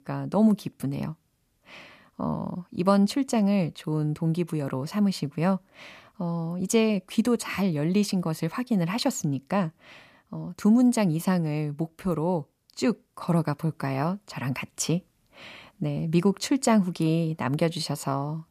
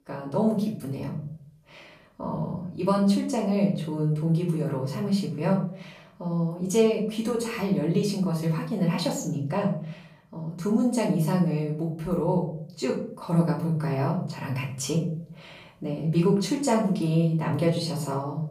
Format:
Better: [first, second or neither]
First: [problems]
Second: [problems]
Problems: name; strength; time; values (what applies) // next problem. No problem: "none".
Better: first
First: none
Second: off-mic speech; far // room echo; slight; dies away in 0.6 s